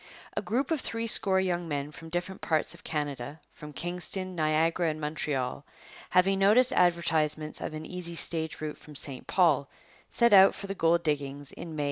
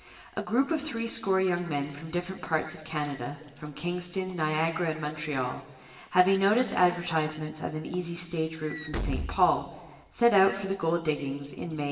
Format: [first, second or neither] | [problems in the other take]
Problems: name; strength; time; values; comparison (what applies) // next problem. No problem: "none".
first | background sound (Walk, footsteps / Slam); 15 dB below the speech // room echo; dies away in 1.2 s